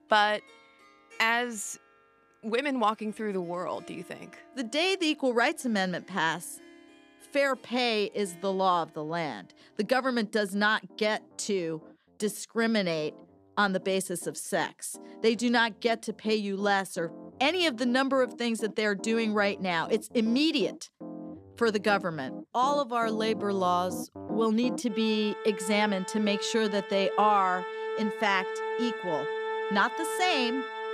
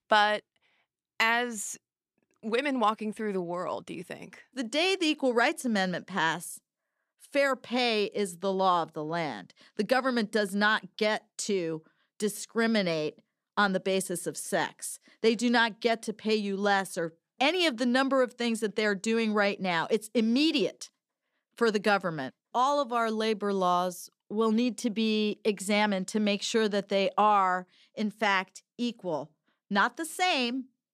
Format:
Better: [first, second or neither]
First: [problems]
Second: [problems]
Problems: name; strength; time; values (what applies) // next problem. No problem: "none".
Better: second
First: background music; loud; throughout; 9 dB below the speech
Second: none